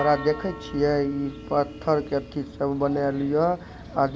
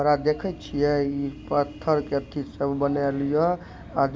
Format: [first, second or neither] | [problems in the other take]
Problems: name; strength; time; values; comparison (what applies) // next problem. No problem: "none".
second | background sound (Church bell); 17 dB below the speech